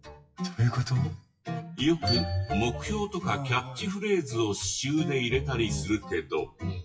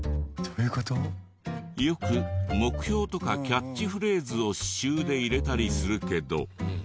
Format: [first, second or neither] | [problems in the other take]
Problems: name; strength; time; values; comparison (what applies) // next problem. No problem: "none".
second | noise reduction (classical method WPE with log-MMSE)